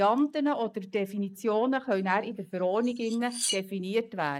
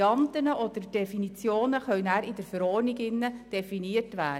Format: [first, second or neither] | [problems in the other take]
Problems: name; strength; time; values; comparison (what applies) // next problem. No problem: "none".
second | noise reduction (neural mask model Resemble Enhance denoiser)